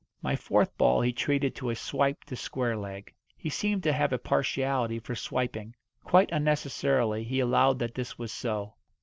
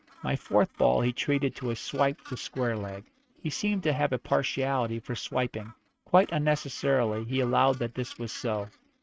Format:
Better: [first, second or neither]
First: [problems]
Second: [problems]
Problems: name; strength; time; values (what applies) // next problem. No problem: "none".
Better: first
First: none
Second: noise reduction (neural mask model RNNoise)